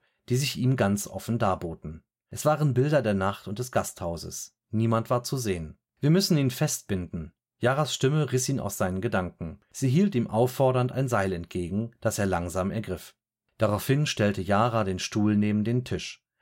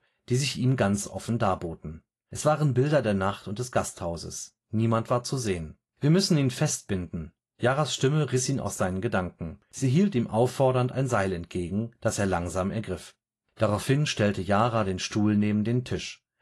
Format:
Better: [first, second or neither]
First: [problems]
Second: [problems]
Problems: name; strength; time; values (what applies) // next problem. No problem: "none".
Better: first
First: none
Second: garbled, watery; slightly; nothing above 11.5 kHz